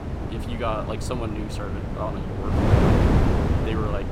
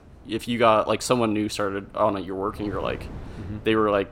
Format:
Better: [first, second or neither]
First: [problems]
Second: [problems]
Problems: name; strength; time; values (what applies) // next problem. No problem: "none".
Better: second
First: wind noise on the microphone; heavy; 3 dB above the speech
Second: wind noise on the microphone; occasional gusts; 25 dB below the speech